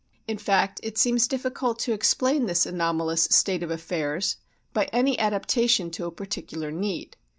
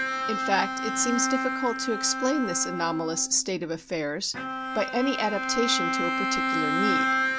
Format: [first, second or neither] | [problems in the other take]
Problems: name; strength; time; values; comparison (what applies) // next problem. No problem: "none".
first | background sound (Bowed string instrument); as loud as the speech